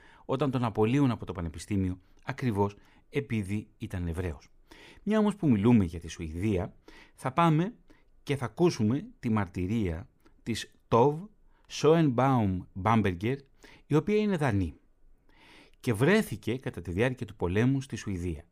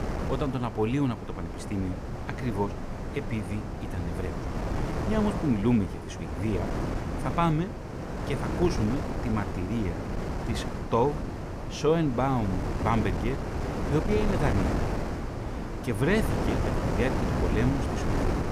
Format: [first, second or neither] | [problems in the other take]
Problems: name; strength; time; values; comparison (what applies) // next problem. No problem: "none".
first | wind noise on the microphone; heavy; 3 dB below the speech